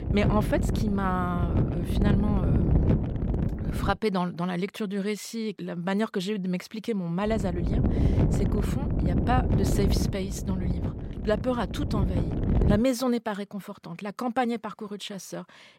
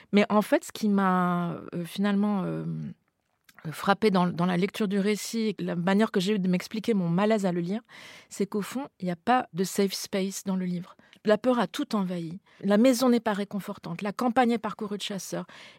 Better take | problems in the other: second | wind noise on the microphone; heavy; until 4 s and from 7.5 to 13 s; 4 dB below the speech

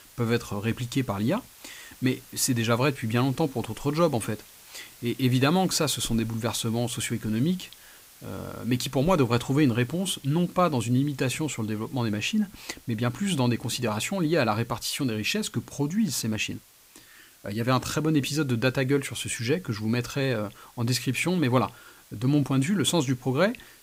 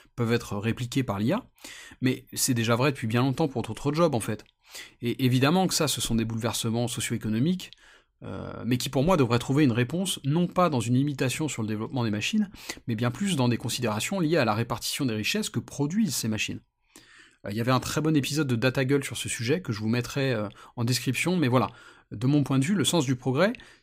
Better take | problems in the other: second | hiss; faint; throughout; 25 dB below the speech

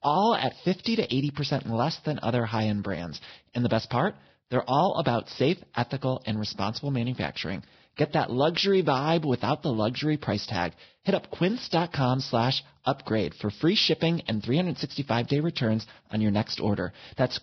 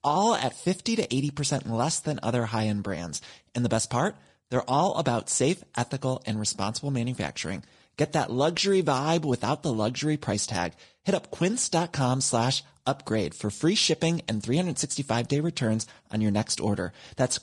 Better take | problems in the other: second | garbled, watery; badly; nothing above 5.5 kHz; slightly in the second

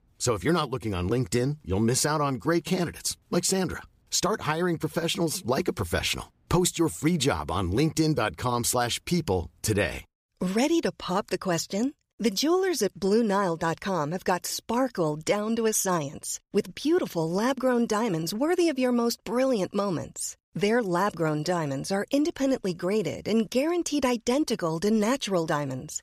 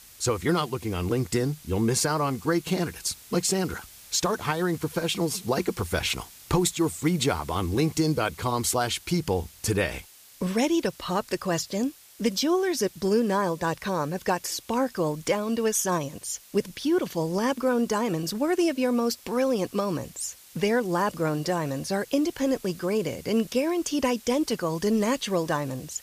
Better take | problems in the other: first | hiss; faint; throughout; 20 dB below the speech

